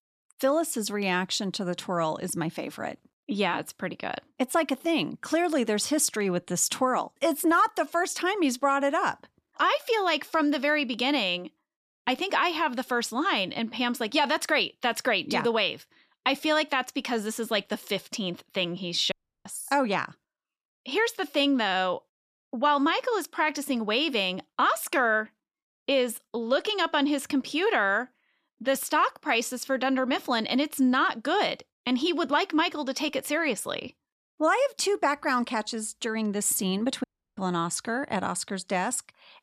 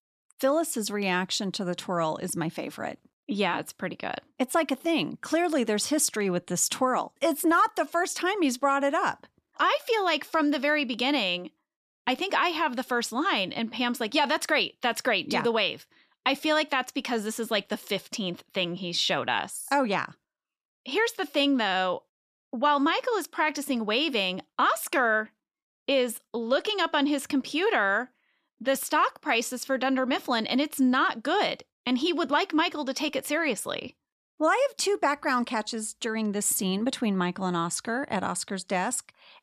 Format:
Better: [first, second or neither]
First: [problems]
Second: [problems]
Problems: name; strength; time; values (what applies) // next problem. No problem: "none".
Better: second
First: audio cutting out; at 19 s and at 37 s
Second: none